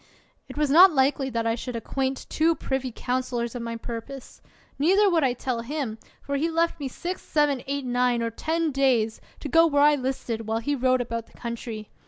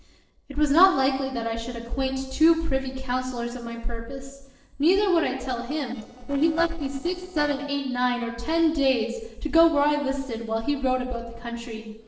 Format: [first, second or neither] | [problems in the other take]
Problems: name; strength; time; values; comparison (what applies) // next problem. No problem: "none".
first | noise reduction (neural separator model SepFormer DNS4)